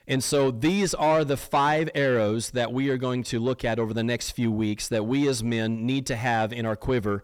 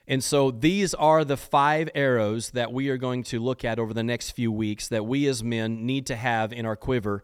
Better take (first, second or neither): second